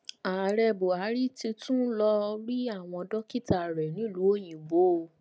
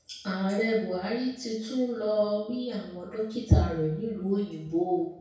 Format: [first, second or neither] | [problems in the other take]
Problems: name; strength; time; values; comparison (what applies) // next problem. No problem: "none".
first | room echo; dies away in 0.6 s